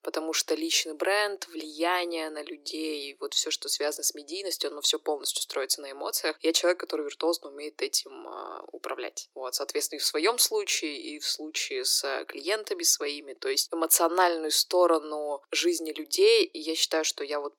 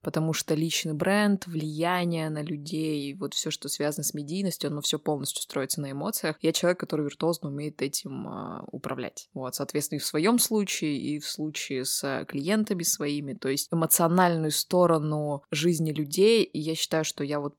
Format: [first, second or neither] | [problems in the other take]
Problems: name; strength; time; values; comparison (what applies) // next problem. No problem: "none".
second | thin; very; fading below 350 Hz